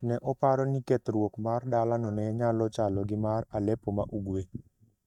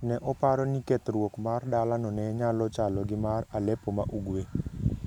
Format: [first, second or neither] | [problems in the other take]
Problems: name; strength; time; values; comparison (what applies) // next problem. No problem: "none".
second | noise reduction (neural mask model DeepFilterNet 3)